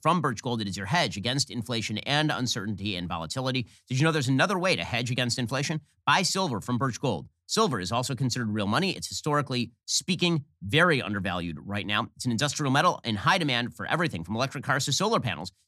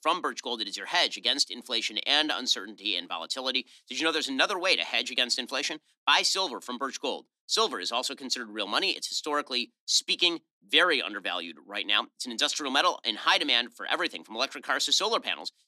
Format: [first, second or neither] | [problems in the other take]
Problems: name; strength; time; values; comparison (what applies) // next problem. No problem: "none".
first | thin; somewhat; fading below 250 Hz